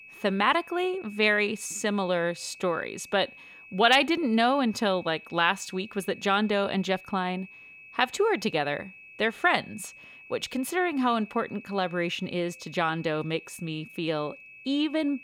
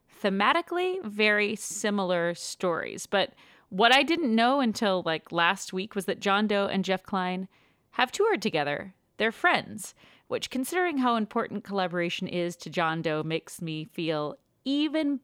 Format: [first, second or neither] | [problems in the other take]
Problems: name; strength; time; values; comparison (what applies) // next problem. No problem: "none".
second | high-pitched whine; noticeable; throughout; 2.5 kHz, 20 dB below the speech